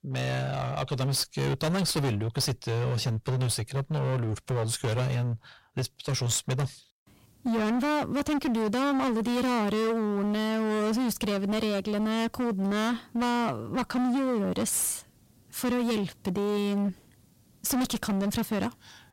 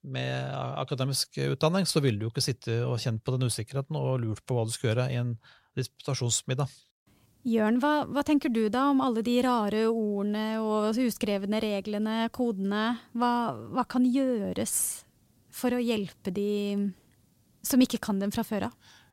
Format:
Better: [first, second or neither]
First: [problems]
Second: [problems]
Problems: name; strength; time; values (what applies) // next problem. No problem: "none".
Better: second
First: distortion; heavy; 28% of the sound clipped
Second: none